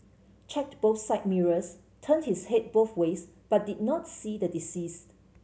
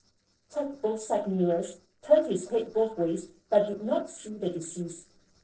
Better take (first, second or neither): first